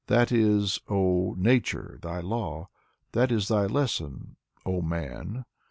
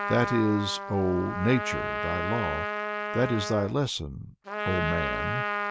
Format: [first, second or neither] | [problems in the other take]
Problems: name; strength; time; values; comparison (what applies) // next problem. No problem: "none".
first | background sound (Trumpet); 3 dB below the speech